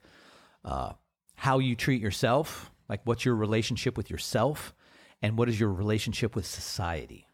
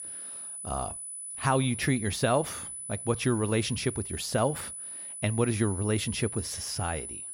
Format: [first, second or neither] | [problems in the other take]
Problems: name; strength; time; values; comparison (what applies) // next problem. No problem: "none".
first | high-pitched whine; loud; throughout; 10 kHz, 7 dB below the speech